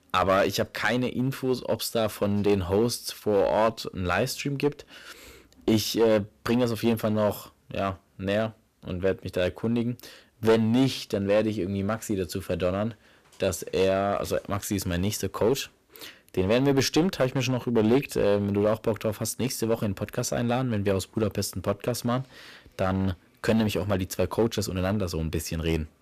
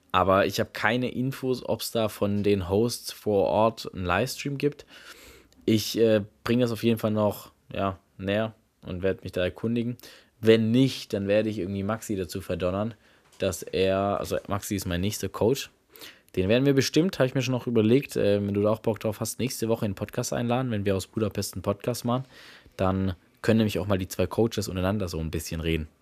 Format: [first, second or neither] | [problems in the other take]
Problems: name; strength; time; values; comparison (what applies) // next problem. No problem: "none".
second | distortion; slight; 4% of the sound clipped